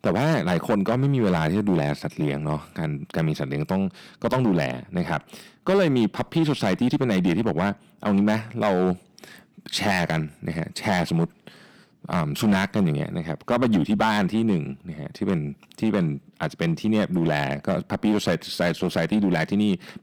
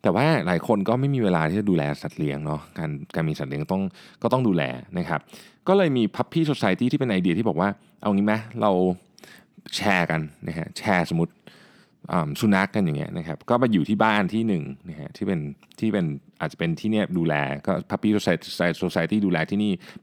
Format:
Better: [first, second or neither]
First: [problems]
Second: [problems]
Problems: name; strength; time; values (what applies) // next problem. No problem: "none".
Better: second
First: distortion; slight; 5% of the sound clipped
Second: none